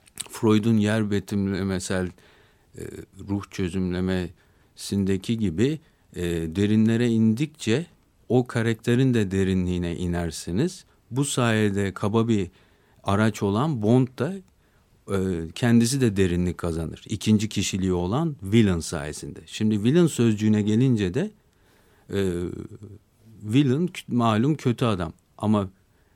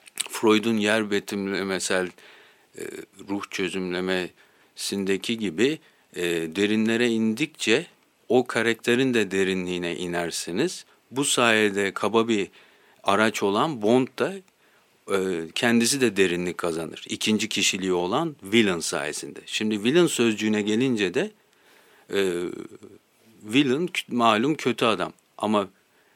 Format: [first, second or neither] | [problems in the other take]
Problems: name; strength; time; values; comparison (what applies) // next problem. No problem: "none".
first | thin; somewhat; fading below 350 Hz